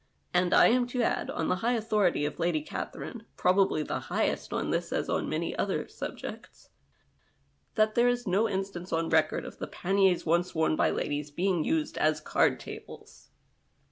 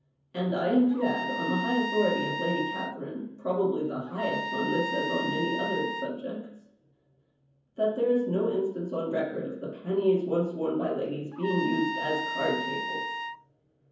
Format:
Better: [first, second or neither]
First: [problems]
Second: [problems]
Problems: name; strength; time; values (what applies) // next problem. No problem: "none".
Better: first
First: none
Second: background sound (Trumpet); 5 dB below the speech // room echo; dies away in 0.7 s